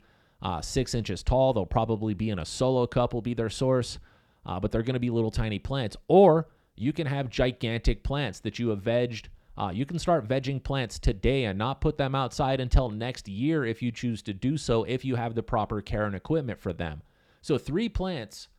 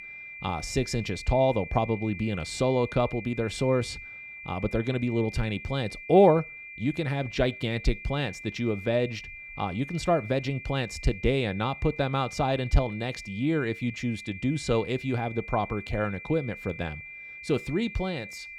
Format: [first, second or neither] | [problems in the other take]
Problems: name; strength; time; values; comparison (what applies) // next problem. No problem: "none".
first | high-pitched whine; noticeable; throughout; 2.5 kHz, 10 dB below the speech